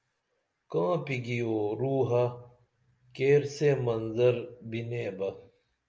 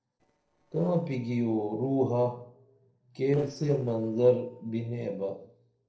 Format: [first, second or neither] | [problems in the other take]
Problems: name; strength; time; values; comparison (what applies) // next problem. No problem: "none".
first | noise reduction (neural separator model SepFormer DNS4)